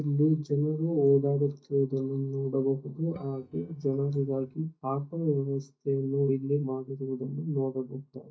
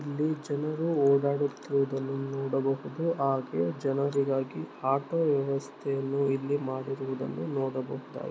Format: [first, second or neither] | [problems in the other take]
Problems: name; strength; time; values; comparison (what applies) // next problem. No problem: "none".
second | noise reduction (neural mask model DeepFilterNet 3)